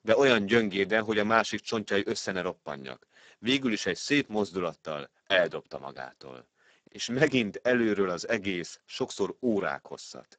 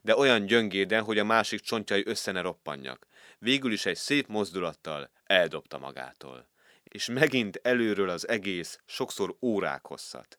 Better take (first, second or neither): second